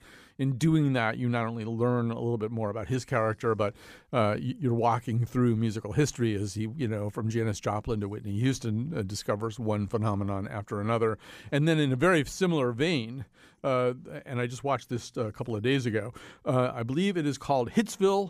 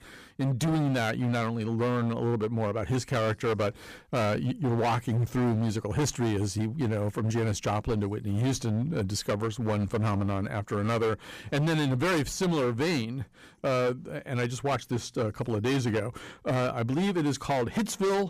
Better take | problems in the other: first | distortion; heavy; 18% of the sound clipped

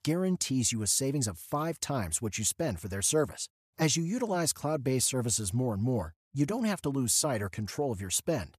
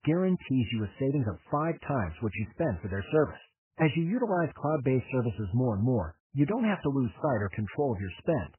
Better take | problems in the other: first | garbled, watery; badly; nothing above 3 kHz

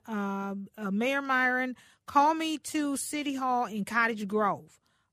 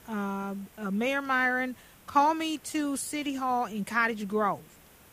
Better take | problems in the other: first | hiss; faint; throughout; 25 dB below the speech

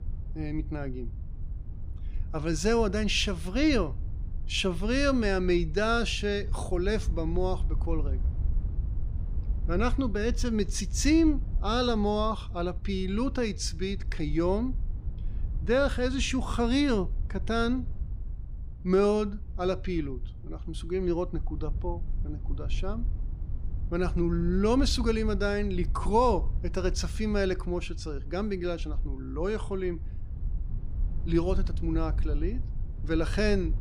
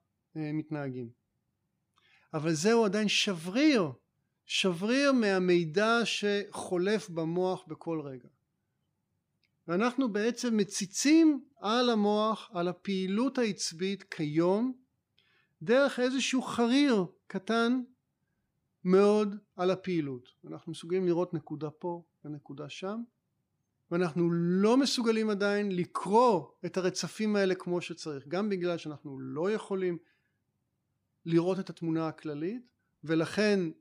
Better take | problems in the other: second | wind noise on the microphone; occasional gusts; 25 dB below the speech

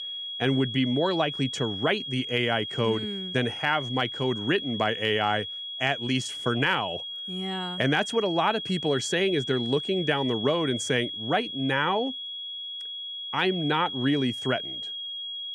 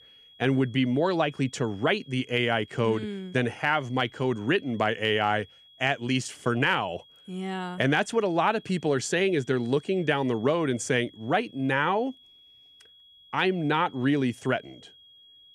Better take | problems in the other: second | high-pitched whine; loud; throughout; 3.5 kHz, 6 dB below the speech; faint in the second

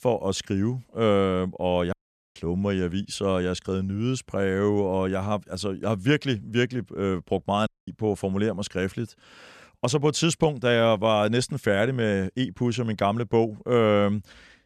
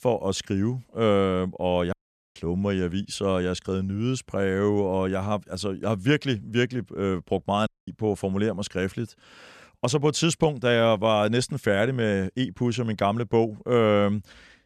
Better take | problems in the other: neither | audio cutting out; at 2 s and at 7.5 s; the same in both

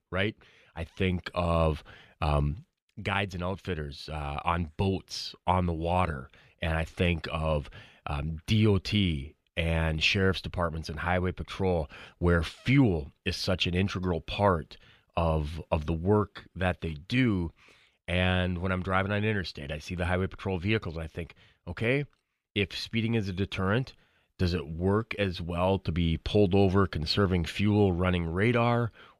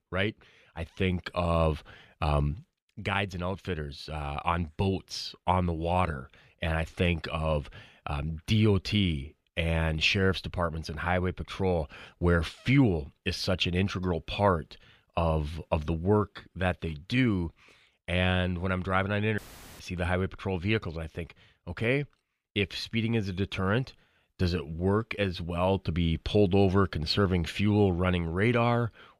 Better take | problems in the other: first | audio cutting out; filled with static; at 19 s

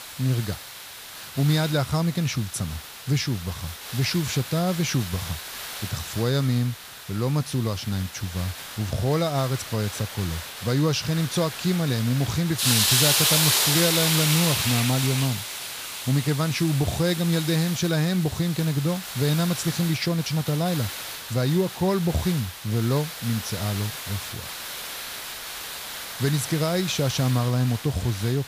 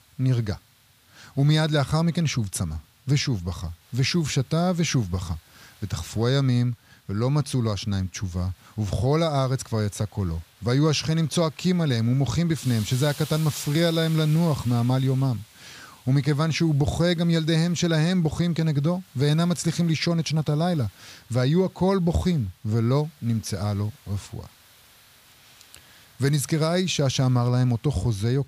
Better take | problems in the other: second | hiss; loud; throughout; 3 dB below the speech; faint in the second

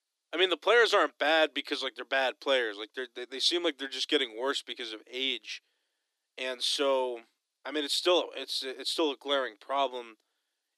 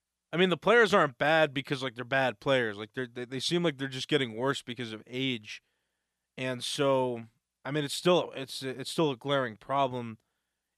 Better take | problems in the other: second | thin; somewhat; fading below 300 Hz

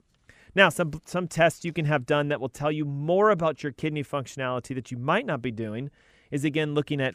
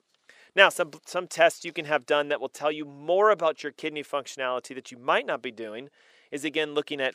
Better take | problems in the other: first | thin; somewhat; fading below 500 Hz

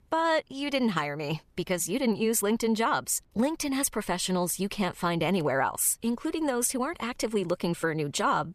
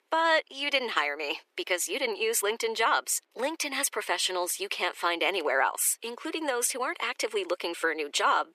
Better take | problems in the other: first | thin; very; fading below 350 Hz

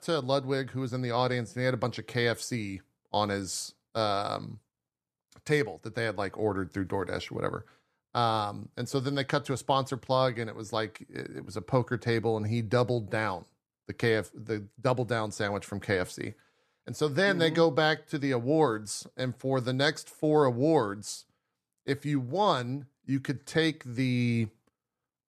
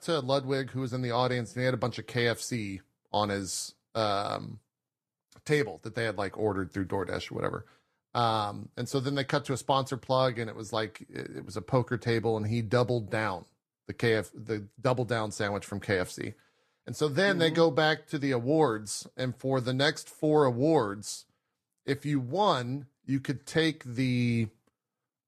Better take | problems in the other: first | garbled, watery; slightly; nothing above 14 kHz

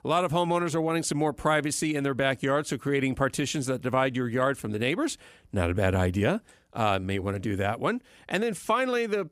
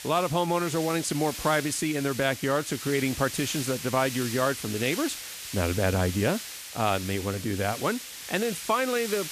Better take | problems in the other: first | hiss; loud; throughout; 8 dB below the speech

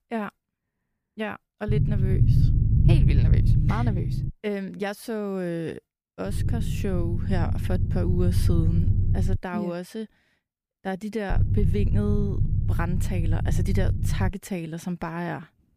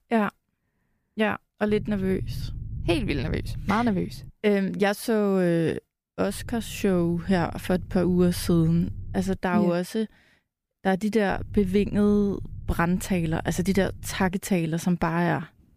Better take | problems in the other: second | low rumble; loud; from 1.5 to 4.5 s, from 6.5 to 9.5 s and from 11 to 14 s; 4 dB below the speech; faint in the second

